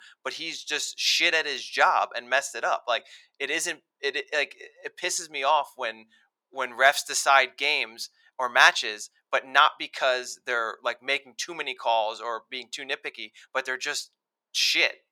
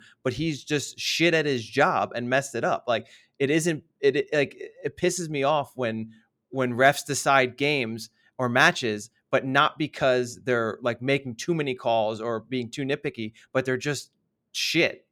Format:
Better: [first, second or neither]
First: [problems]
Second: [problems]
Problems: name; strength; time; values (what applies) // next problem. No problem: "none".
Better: second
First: thin; very; fading below 850 Hz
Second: none